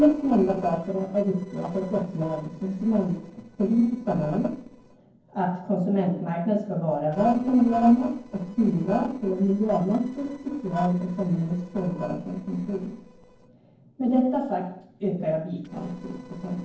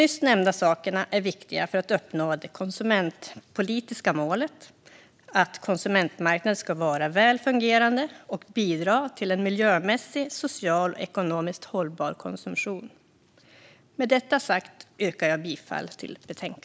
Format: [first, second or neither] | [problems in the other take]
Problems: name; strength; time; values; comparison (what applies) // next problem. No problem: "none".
second | noise reduction (neural separator model SepFormer DNS4)